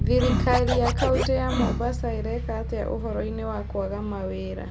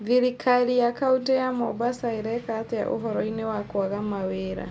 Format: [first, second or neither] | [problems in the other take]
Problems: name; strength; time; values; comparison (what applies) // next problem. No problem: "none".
second | background sound (Scratching (performance technique) + Bass guitar); 1 dB above the speech